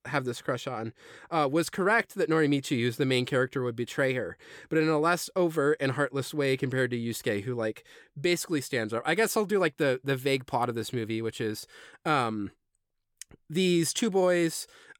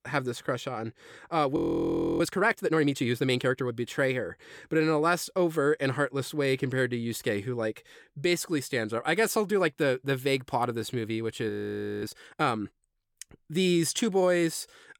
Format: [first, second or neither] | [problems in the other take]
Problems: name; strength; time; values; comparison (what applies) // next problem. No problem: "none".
first | audio freezing; at 1.5 s for 0.5 s and at 11 s for 0.5 s